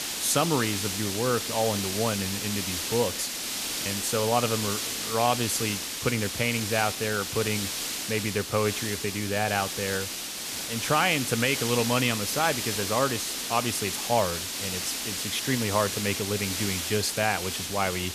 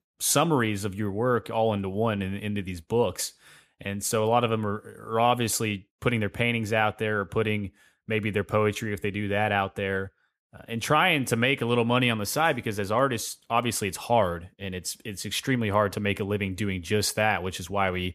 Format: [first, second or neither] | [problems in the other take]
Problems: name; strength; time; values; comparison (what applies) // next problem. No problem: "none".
second | hiss; loud; throughout; 2 dB below the speech